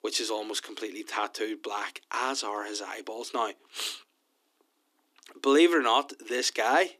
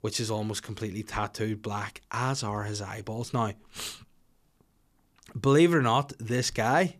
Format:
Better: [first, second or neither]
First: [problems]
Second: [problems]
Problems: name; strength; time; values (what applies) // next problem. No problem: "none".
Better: second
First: thin; somewhat; fading below 250 Hz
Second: none